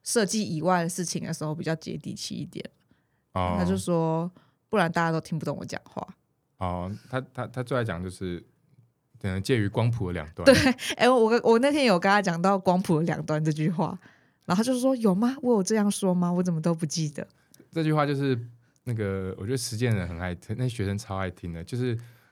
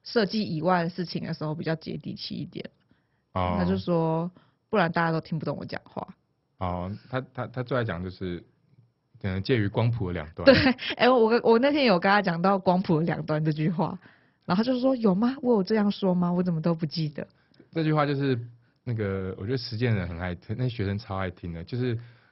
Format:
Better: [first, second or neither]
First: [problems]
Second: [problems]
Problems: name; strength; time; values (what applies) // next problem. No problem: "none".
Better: first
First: none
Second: garbled, watery; badly; nothing above 5.5 kHz